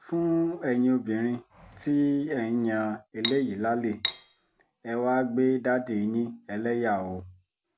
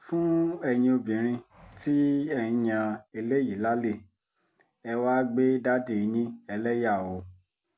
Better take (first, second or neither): second